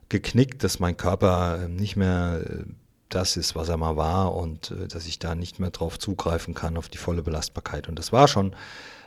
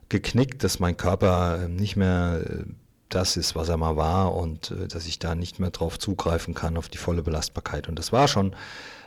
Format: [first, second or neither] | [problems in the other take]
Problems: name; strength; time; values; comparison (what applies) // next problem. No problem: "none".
first | distortion; slight; 10 dB below the speech